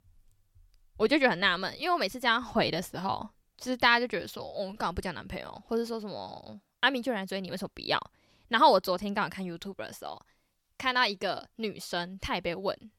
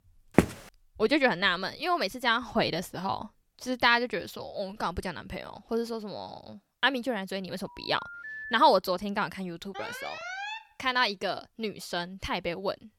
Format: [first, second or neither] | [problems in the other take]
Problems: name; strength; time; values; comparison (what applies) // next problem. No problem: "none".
first | footsteps; loud; at 0.5 s; peak 2 dB above the speech // phone ringing; noticeable; at 7.5 s; peak 9 dB below the speech // alarm; noticeable; at 9.5 s; peak 7 dB below the speech